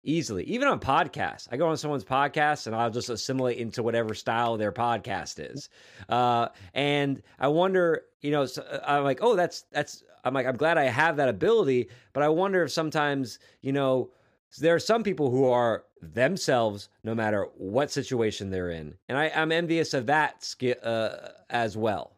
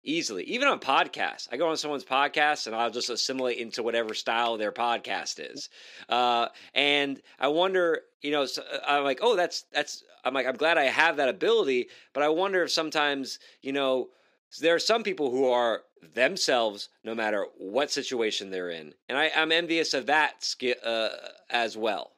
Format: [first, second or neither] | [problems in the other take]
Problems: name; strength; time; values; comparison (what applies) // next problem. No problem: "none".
first | thin; very slightly; fading below 250 Hz